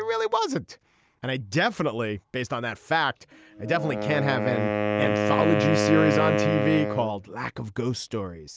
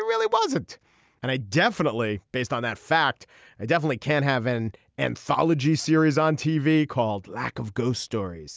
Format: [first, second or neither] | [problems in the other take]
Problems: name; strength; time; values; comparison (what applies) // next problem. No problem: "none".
second | background sound (Wind instrument, woodwind instrument); 2 dB below the speech